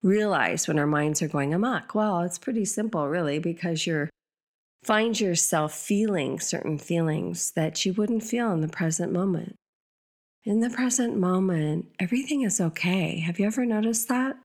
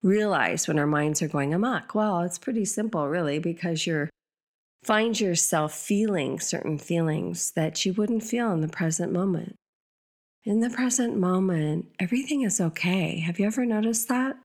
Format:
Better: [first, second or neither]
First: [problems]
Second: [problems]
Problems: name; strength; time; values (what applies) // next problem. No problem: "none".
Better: neither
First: none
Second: none